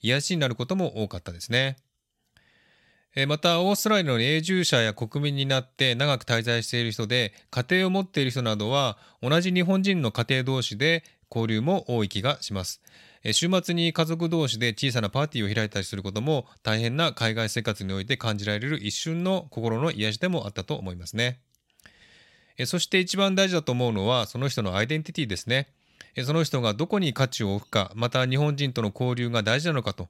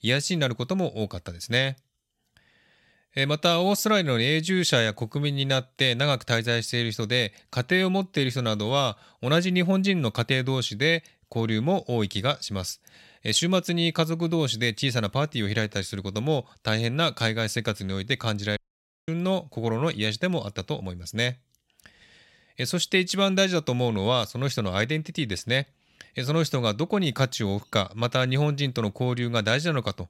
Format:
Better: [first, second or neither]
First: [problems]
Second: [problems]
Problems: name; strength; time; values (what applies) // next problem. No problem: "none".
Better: first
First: none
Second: audio cutting out; at 19 s for 0.5 s